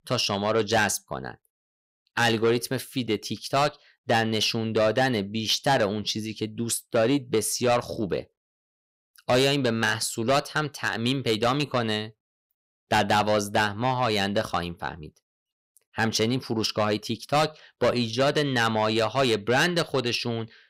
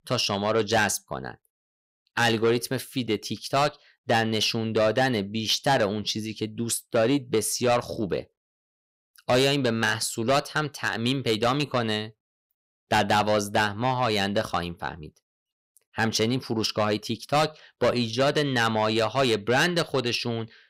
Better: neither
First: distortion; heavy; 8 dB below the speech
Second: distortion; heavy; 8 dB below the speech

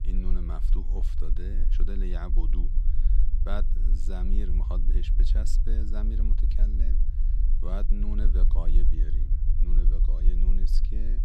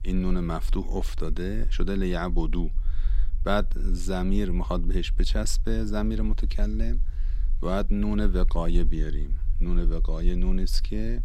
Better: second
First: low rumble; loud; throughout; 6 dB below the speech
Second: low rumble; faint; throughout; 20 dB below the speech

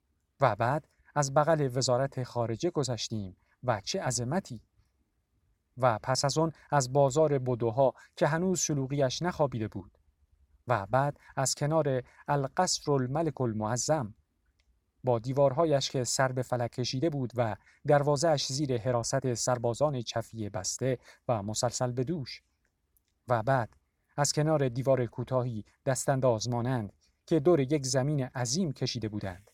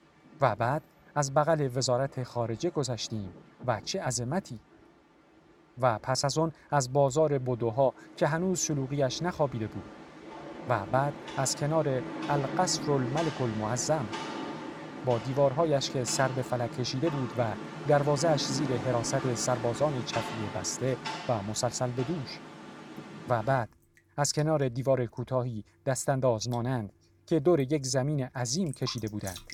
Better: first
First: none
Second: rain or running water; noticeable; throughout; 10 dB below the speech

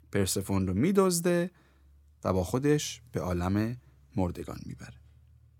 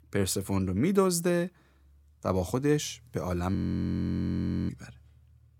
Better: first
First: none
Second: audio freezing; at 3.5 s for 1 s

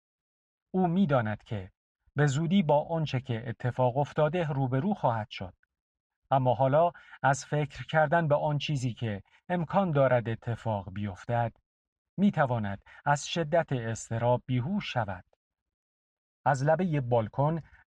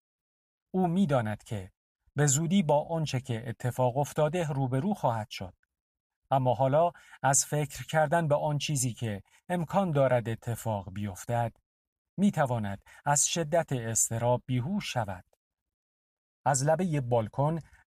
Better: second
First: muffled; slightly; fading above 4 kHz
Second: none

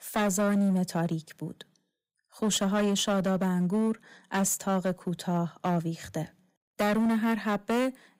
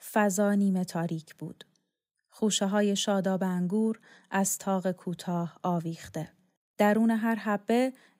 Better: second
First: distortion; slight; 12% of the sound clipped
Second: none

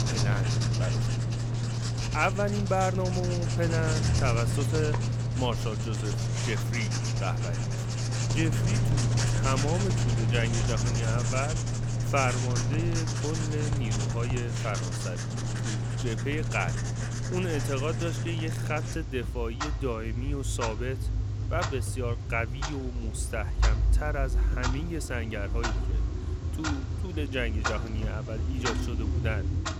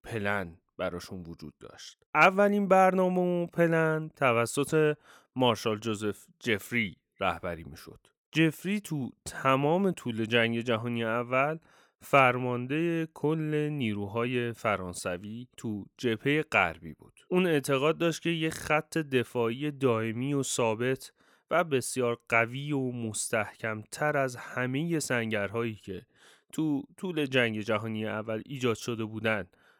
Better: second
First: household noises; very loud; throughout; 4 dB above the speech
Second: none

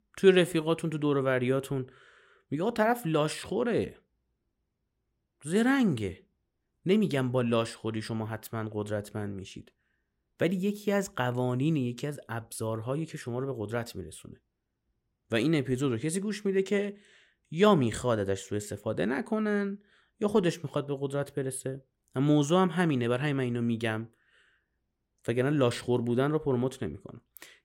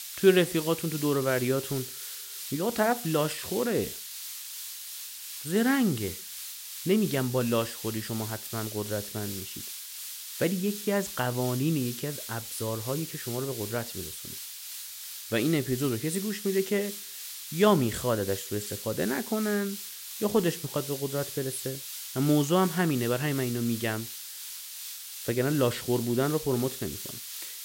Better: first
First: none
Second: hiss; loud; throughout; 8 dB below the speech

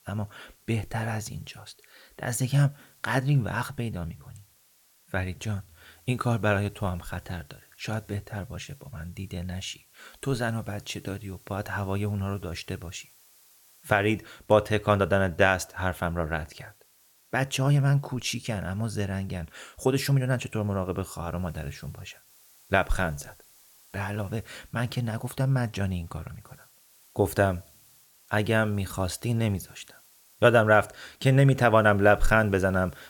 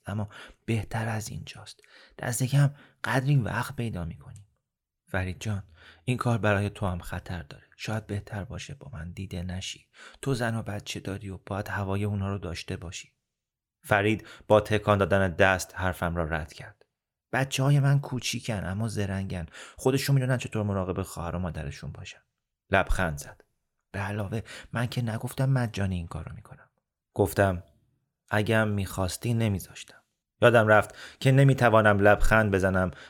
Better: second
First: hiss; faint; throughout; 30 dB below the speech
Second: none

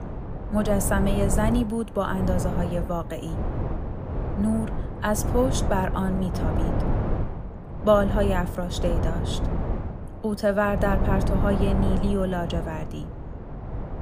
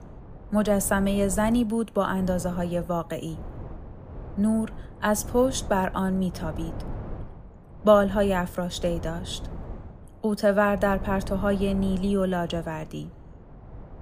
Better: second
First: wind noise on the microphone; heavy; 8 dB below the speech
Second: wind noise on the microphone; occasional gusts; 20 dB below the speech

